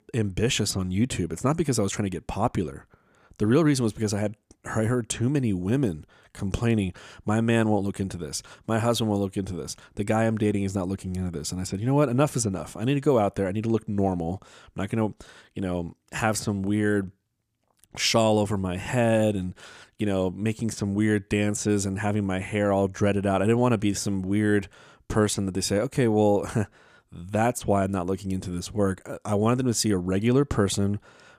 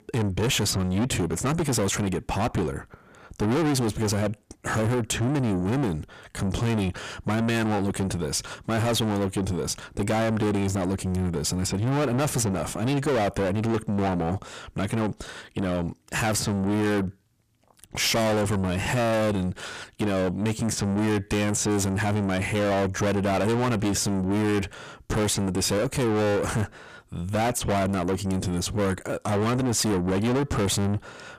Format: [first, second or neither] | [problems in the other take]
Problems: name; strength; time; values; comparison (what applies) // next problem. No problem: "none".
first | distortion; heavy; 6 dB below the speech